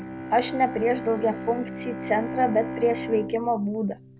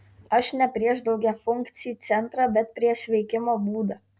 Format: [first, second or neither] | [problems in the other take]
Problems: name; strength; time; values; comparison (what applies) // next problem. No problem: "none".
second | background sound (Bowed string instrument); 8 dB below the speech